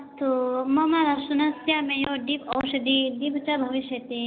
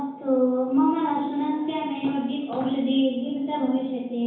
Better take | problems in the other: first | room echo; dies away in 1 s

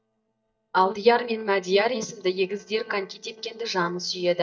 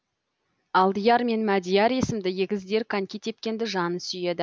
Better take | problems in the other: second | noise reduction (neural mask model DeepFilterNet 3)

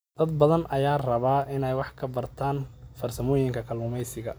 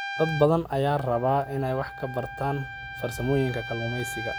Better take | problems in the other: first | background sound (Trumpet); 10 dB below the speech

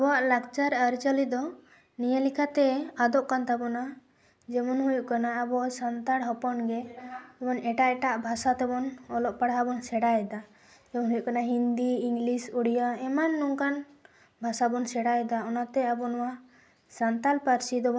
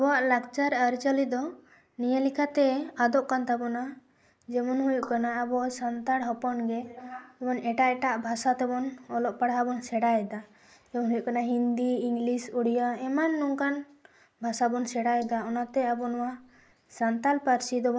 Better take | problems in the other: first | noise reduction (neural mask model Resemble Enhance denoiser)

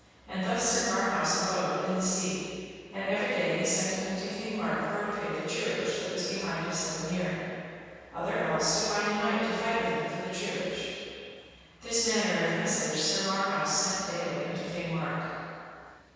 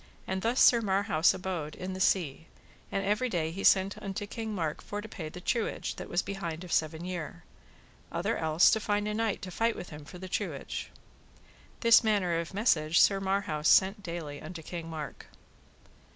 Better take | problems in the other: second | room echo; dies away in 2.2 s

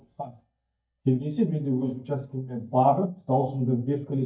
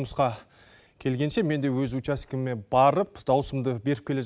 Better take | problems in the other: second | noise reduction (neural mask model DeepFilterNet 3)

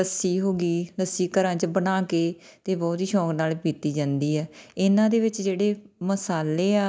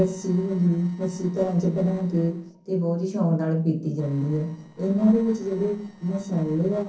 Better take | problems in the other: first | noise reduction (neural separator model SepFormer DNS4)

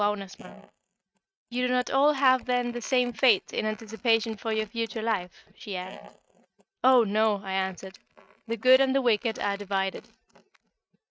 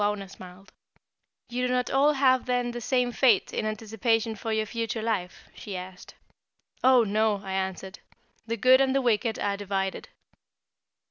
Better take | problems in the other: second | noise reduction (neural mask model RNNoise)

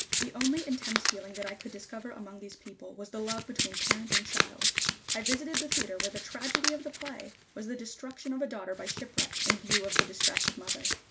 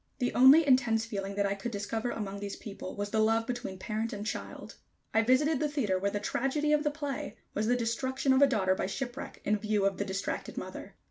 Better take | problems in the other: second | background sound (Domestic sounds, home sounds); 5 dB above the speech

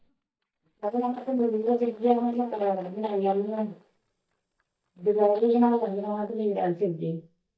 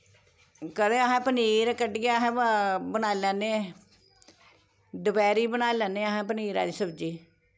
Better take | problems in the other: second | noise reduction (neural mask model DeepFilterNet 3)

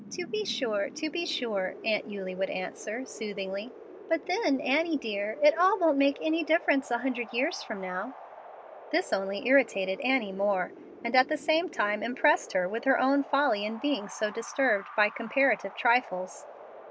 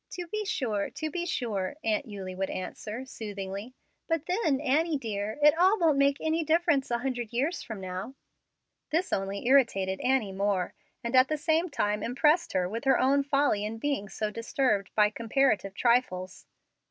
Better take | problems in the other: second | background sound (Wind); 17 dB below the speech

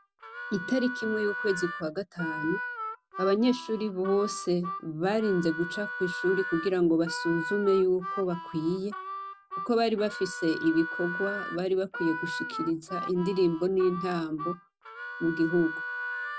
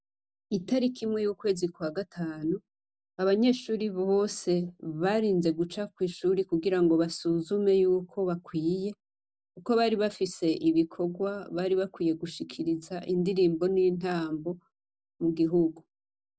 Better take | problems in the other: second | background sound (Harmonica); 8 dB below the speech

